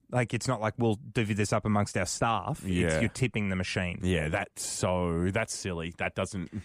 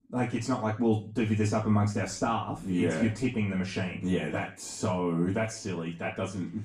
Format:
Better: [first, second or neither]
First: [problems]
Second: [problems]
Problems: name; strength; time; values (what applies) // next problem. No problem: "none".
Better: first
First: none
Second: room echo; slight; dies away in 0.3 s // off-mic speech; far